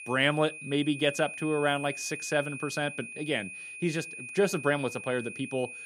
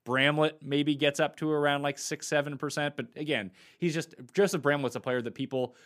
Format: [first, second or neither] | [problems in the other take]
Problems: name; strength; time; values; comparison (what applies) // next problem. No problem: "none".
second | high-pitched whine; loud; throughout; 2.5 kHz, 9 dB below the speech